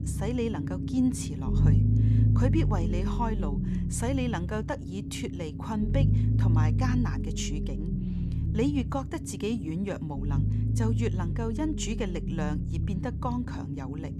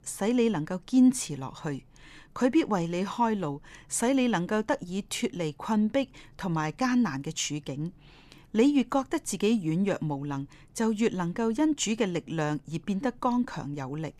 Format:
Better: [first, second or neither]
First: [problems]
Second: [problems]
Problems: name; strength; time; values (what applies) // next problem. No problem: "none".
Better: second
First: low rumble; loud; throughout; 5 dB below the speech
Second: none